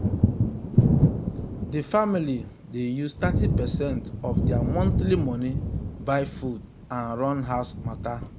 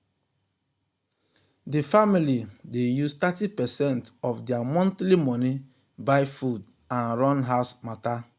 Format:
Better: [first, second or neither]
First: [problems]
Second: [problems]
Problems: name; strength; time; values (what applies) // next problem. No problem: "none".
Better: second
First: background sound (Thunder); 3 dB above the speech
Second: none